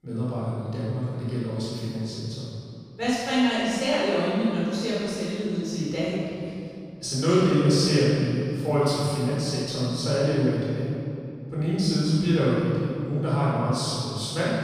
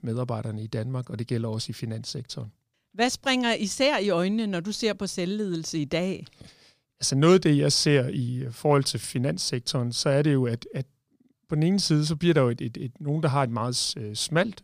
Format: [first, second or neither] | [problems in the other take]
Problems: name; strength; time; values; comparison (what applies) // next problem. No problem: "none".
second | off-mic speech; far // room echo; strong; dies away in 2.4 s